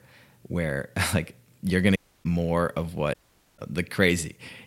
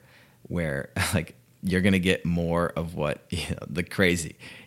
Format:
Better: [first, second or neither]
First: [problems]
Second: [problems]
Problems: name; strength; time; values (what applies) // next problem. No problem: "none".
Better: second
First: audio cutting out; at 2 s and at 3 s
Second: none